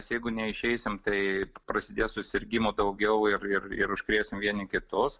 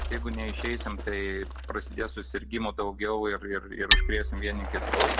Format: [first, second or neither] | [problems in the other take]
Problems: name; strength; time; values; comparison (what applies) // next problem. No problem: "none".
first | background sound (Bicycle + Hammer); 2 dB above the speech